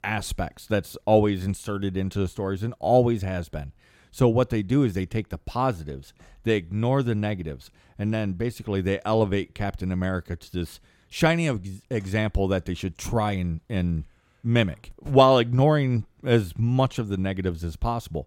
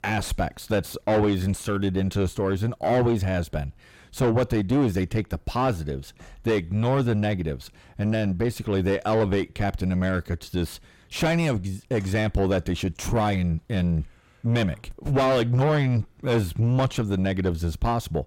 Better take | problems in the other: first | distortion; heavy; 5 dB below the speech

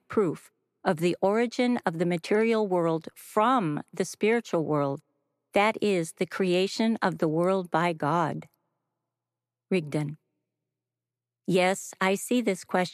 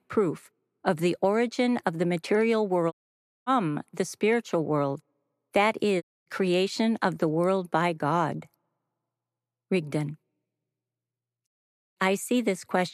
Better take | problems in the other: first | audio cutting out; at 3 s for 0.5 s, at 6 s and at 11 s

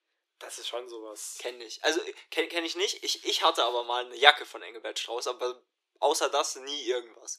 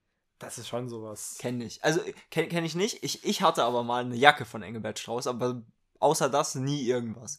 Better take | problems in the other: second | thin; very; fading below 300 Hz

